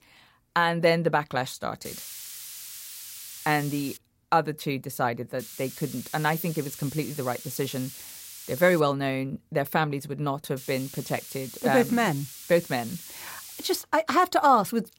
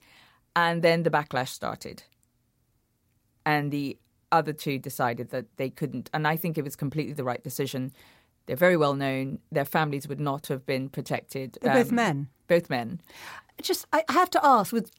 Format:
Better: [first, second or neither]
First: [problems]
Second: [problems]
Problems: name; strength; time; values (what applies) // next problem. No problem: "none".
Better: second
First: hiss; noticeable; from 2 to 4 s, from 5.5 to 9 s and from 11 to 14 s; 15 dB below the speech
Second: none